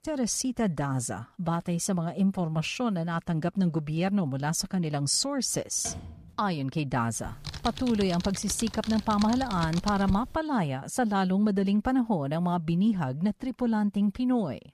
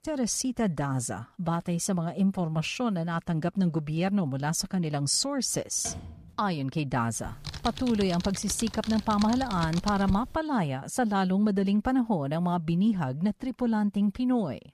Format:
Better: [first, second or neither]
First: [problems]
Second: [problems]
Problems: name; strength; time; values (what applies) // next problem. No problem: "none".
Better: neither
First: door banging; faint; at 6 s; peak 15 dB below the speech // keyboard typing; noticeable; from 7.5 to 10 s; peak 7 dB below the speech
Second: door banging; faint; at 6 s; peak 15 dB below the speech // keyboard typing; noticeable; from 7.5 to 10 s; peak 7 dB below the speech